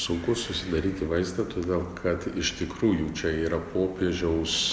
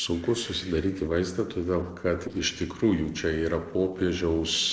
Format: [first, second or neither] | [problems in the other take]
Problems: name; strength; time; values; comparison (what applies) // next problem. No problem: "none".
first | noise reduction (neural separator model SepFormer DNS4)